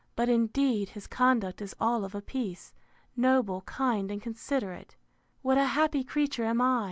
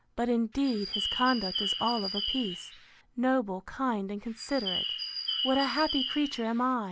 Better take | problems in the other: first | background sound (Bird); 4 dB below the speech

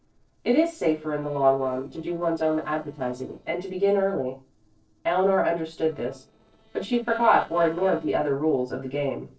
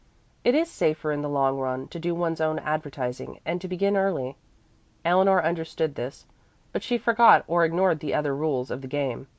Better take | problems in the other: second | noise reduction (neural separator model SepFormer DNS4)

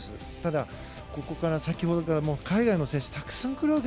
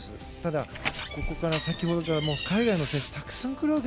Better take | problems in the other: first | background sound (Door); 7 dB below the speech

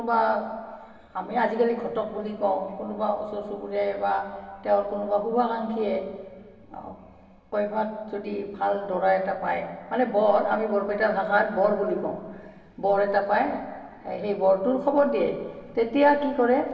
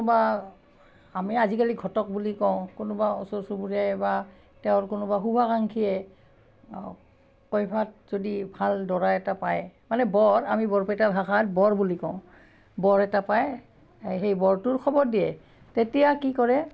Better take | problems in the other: second | room echo; dies away in 1.9 s

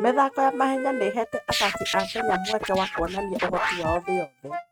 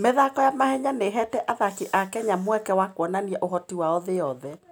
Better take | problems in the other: second | noise reduction (neural mask model RNNoise)

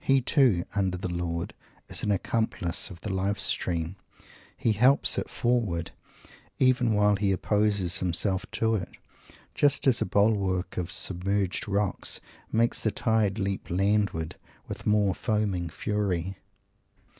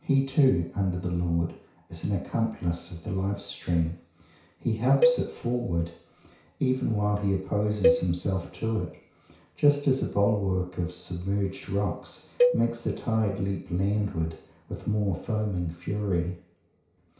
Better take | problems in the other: first | background sound (Cowbell); 3 dB below the speech // room echo; dies away in 0.6 s

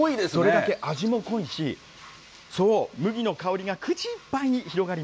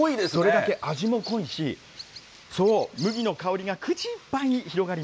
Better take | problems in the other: first | noise reduction (neural mask model Resemble Enhance denoiser)

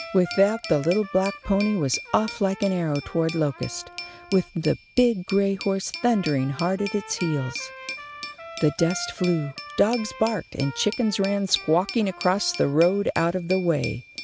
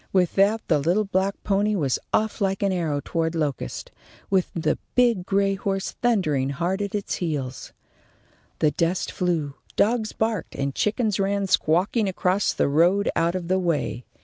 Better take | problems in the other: second | background sound (Trumpet + Glass); 14 dB below the speech

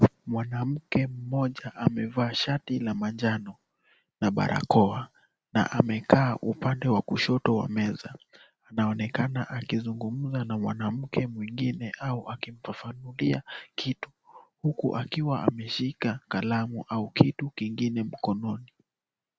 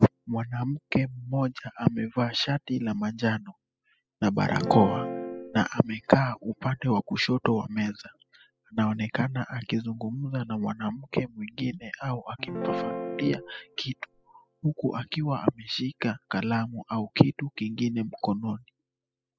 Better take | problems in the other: first | noise reduction (classical method spectral subtraction)

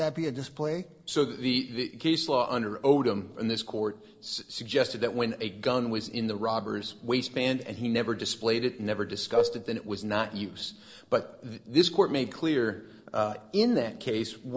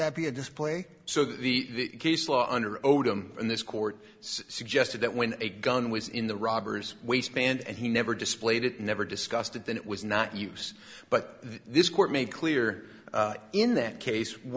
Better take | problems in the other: second | noise reduction (neural separator model SepFormer DNS4)

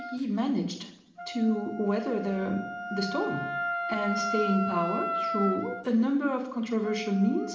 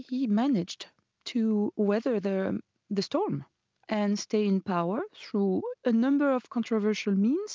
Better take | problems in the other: second | background sound (Wind instrument, woodwind instrument); 6 dB below the speech // room echo; dies away in 0.9 s

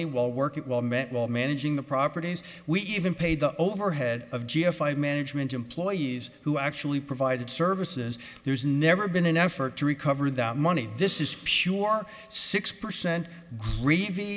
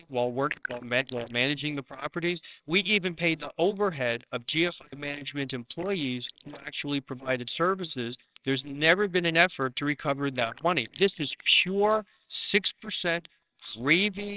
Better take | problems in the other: first | noise reduction (neural separator model SepFormer WHAMR!)

